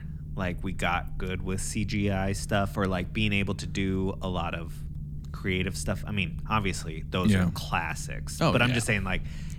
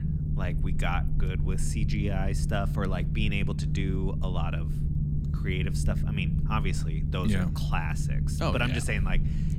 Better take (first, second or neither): first